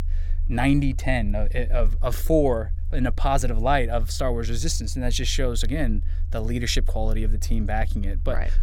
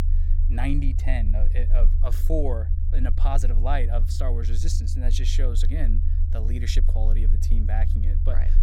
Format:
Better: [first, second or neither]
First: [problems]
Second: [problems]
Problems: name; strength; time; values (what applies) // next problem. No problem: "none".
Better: first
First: low rumble; faint; throughout; 25 dB below the speech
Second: low rumble; loud; throughout; 9 dB below the speech